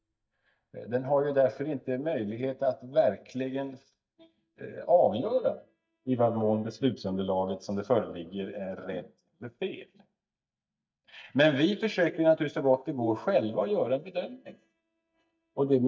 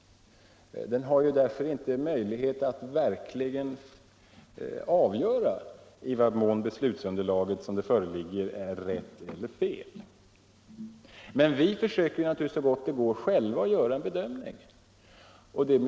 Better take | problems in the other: second | noise reduction (neural mask model DeepFilterNet 3)

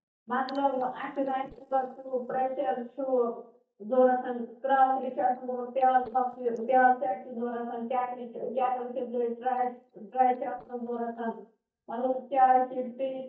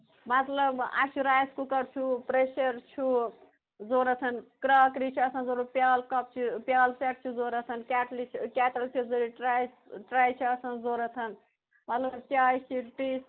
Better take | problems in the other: second | noise reduction (neural mask model DeepFilterNet 3)

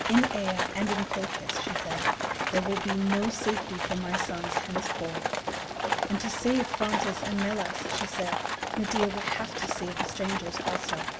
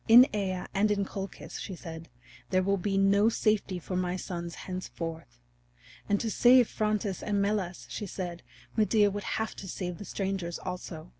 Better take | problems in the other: second | background sound (Livestock, farm animals, working animals); as loud as the speech // room echo; dies away in 0.3 s

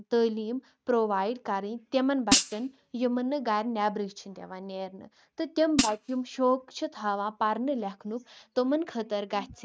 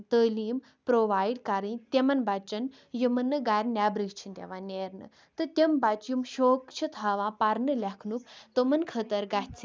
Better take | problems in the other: second | noise reduction (neural mask model RNNoise)

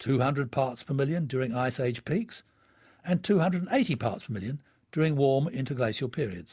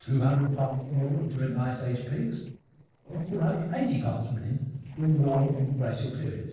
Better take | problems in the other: first | noise reduction (neural separator model SepFormer DNS4)

